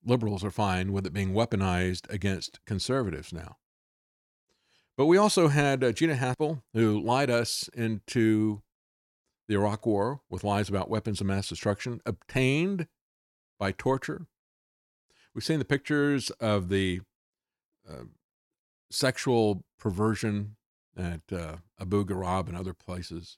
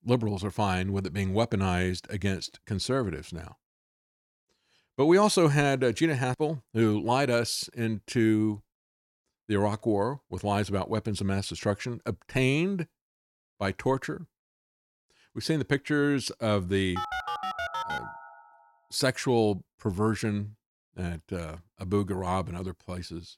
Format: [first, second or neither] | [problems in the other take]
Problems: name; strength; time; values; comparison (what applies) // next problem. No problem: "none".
first | phone ringing; noticeable; from 17 to 18 s; peak 4 dB below the speech